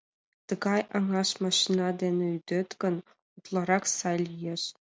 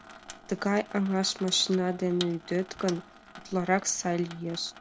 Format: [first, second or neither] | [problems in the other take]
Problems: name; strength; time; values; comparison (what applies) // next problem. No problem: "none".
first | background sound (Sink (filling or washing) / Water tap, faucet); 17 dB below the speech